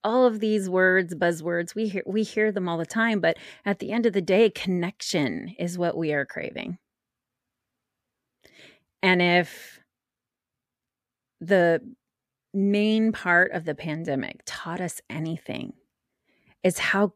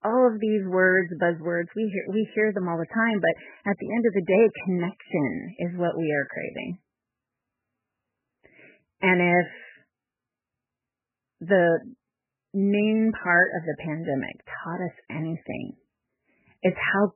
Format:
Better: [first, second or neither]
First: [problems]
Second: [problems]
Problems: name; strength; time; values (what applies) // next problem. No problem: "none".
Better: first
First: none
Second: garbled, watery; badly; nothing above 3 kHz